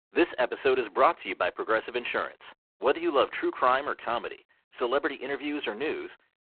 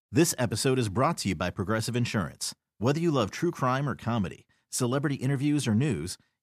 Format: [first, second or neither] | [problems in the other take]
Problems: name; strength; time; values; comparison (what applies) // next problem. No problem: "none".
second | phone-call audio; poor line; nothing above 3.5 kHz